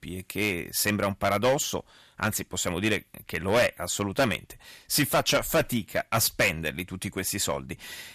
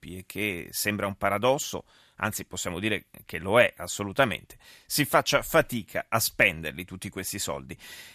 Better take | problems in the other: second | distortion; heavy; 5% of the sound clipped

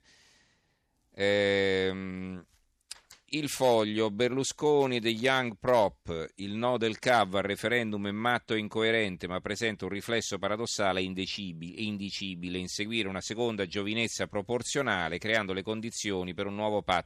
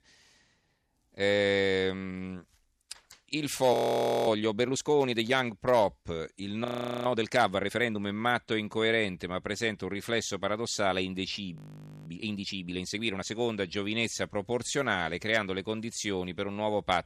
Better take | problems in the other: first | audio freezing; at 3.5 s for 0.5 s, at 6.5 s and at 12 s for 0.5 s

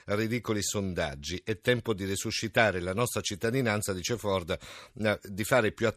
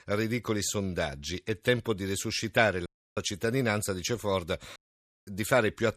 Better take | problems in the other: first | audio cutting out; at 3 s and at 5 s for 0.5 s

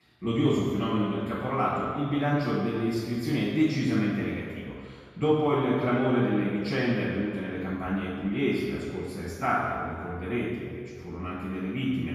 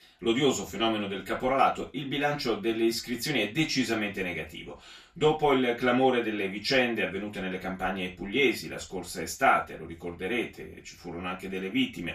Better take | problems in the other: second | room echo; strong; dies away in 2 s; slight in the second // off-mic speech; far; far in the second

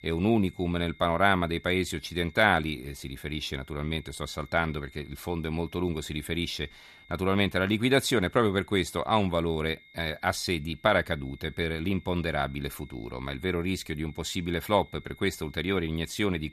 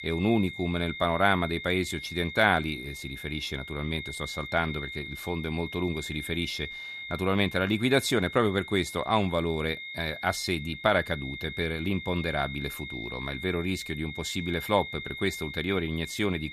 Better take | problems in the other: first | high-pitched whine; loud; throughout; 2 kHz, 9 dB below the speech; faint in the first

